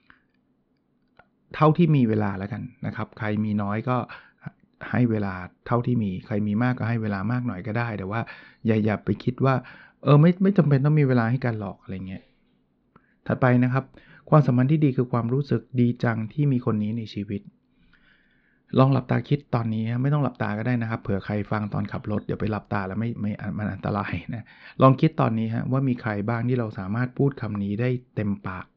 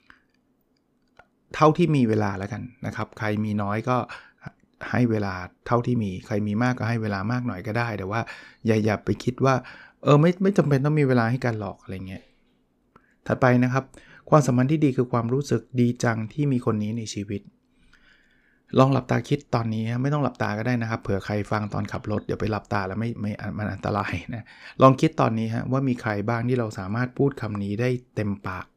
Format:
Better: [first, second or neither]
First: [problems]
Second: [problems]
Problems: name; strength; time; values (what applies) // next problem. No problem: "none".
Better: second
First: muffled; very slightly; fading above 4 kHz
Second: none